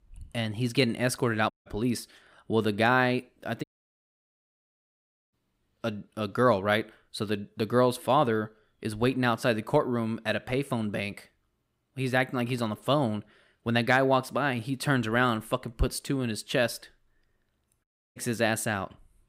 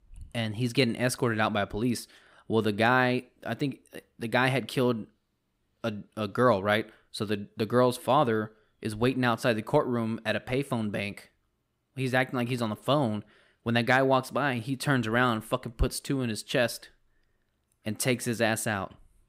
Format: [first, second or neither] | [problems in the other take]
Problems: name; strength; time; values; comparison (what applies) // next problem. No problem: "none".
second | audio cutting out; at 1.5 s, at 3.5 s for 1.5 s and at 18 s